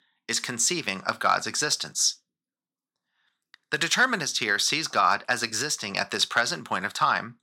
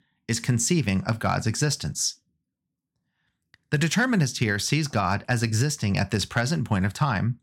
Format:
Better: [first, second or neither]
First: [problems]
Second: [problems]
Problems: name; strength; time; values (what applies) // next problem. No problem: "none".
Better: second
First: thin; very; fading below 400 Hz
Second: none